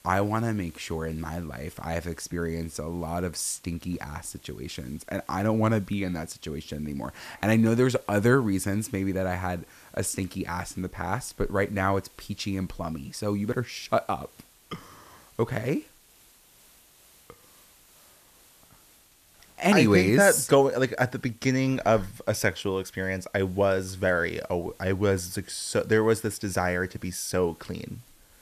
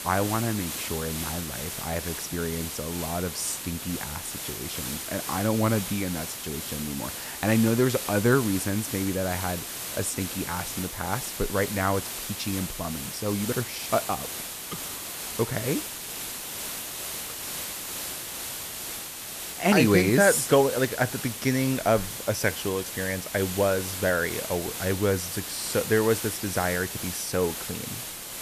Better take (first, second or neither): first